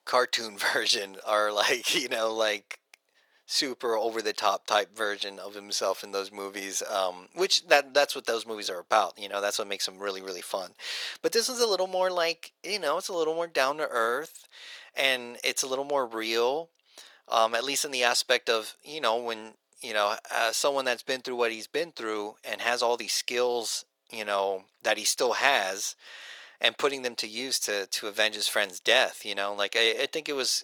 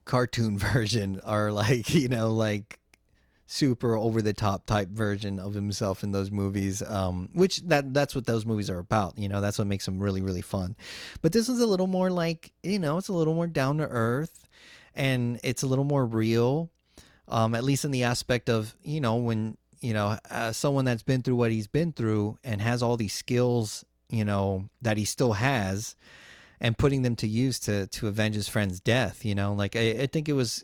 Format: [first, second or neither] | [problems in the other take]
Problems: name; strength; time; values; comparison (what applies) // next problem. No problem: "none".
second | thin; very; fading below 500 Hz